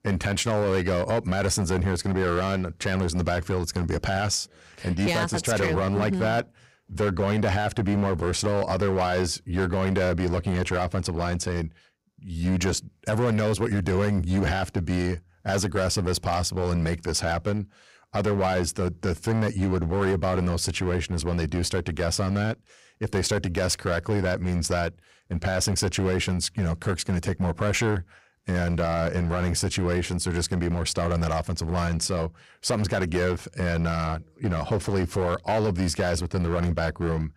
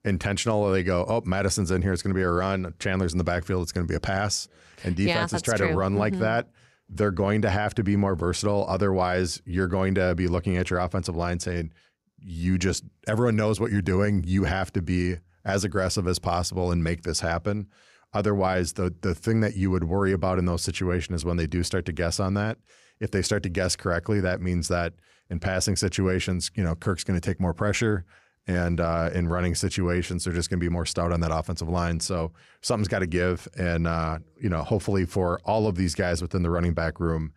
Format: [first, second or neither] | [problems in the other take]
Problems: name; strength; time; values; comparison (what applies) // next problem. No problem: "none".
second | distortion; slight; 10% of the sound clipped